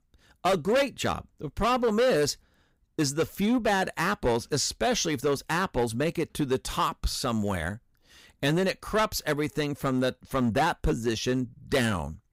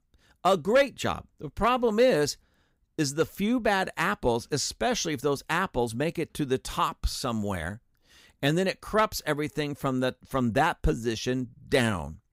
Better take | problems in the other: second | distortion; slight; 7% of the sound clipped

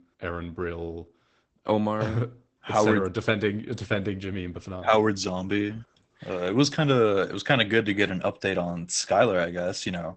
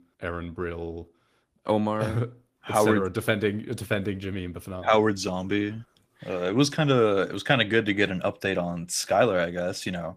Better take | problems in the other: second | garbled, watery; badly; nothing above 8 kHz; slightly in the second

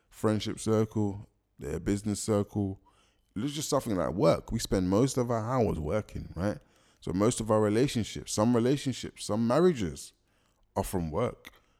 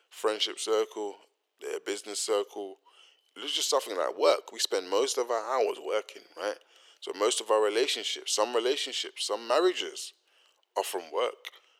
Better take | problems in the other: first | thin; very; fading below 400 Hz

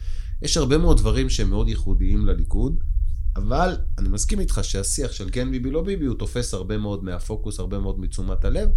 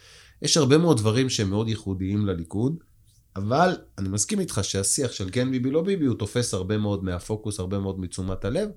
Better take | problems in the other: second | low rumble; faint; throughout; 25 dB below the speech

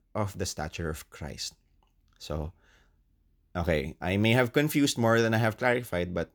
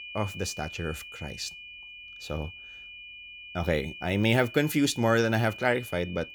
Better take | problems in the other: first | high-pitched whine; noticeable; throughout; 2.5 kHz, 15 dB below the speech

